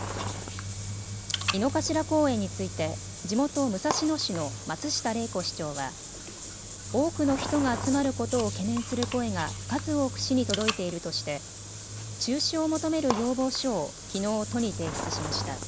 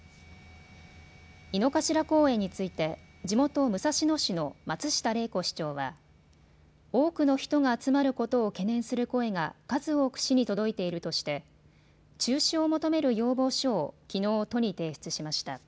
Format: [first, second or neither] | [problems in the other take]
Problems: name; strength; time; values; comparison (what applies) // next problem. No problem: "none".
second | background sound (Bathtub (filling or washing) / Water + Truck); 6 dB below the speech